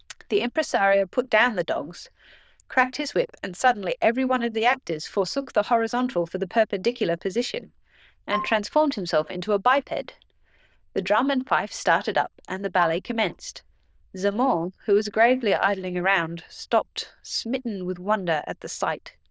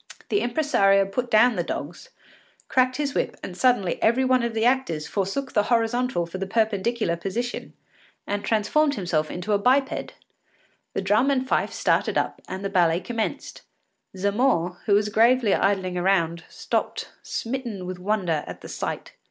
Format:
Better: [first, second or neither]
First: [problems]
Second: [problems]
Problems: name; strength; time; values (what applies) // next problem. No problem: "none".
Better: second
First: noise reduction (neural diffusion model UNIVERSE++)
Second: none